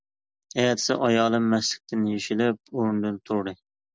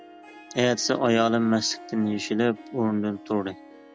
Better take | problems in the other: first | background sound (Harp); 17 dB below the speech

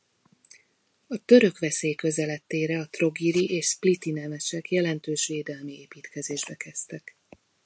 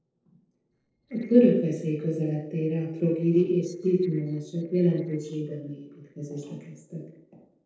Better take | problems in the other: first | noise reduction (neural separator model SepFormer DNS4)

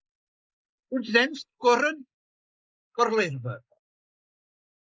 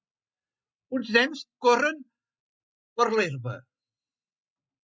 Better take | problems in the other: second | noise reduction (neural mask model Resemble Enhance denoiser)

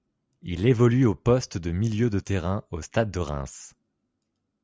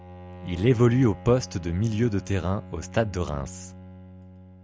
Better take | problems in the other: first | background sound (Bowed string instrument); 16 dB below the speech

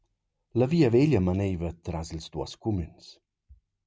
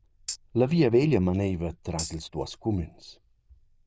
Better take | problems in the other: first | noise reduction (neural diffusion model UNIVERSE++)

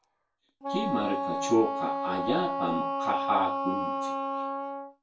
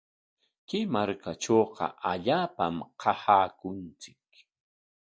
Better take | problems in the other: second | background sound (Wind instrument, woodwind instrument); as loud as the speech // room echo; dies away in 0.2 s

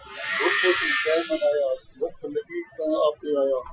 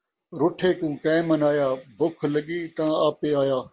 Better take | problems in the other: second | noise reduction (classical method Wiener filter)

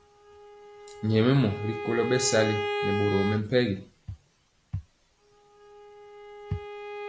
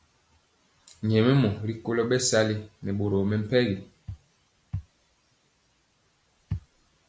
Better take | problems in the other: second | background sound (Bowed string instrument); 7 dB below the speech

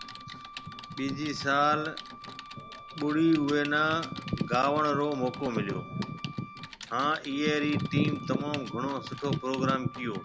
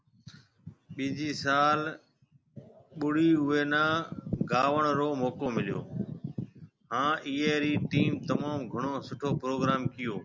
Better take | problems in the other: second | background sound (Typing + Wind instrument, woodwind instrument); 14 dB below the speech

